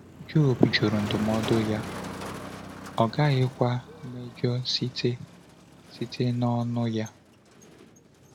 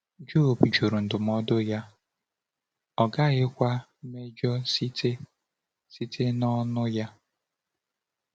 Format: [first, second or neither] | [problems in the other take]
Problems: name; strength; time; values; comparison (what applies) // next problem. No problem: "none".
second | background sound (Motor vehicle (road)); 12 dB below the speech